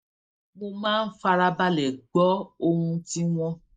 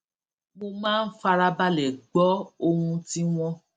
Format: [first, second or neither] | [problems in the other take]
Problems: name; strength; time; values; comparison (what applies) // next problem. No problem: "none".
second | noise reduction (neural mask model Resemble Enhance denoiser)